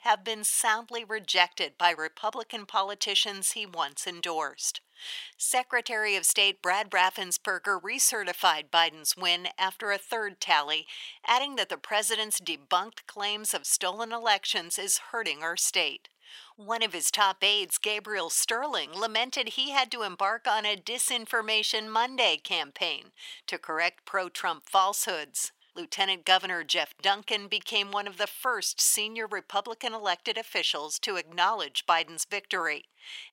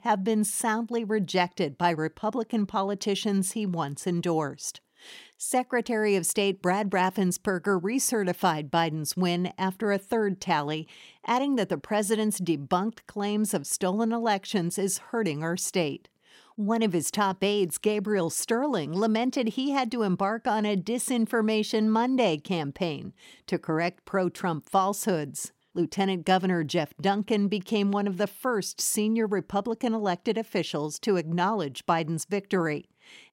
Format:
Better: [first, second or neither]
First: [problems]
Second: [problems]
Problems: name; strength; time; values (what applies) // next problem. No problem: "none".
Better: second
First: thin; very; fading below 900 Hz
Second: none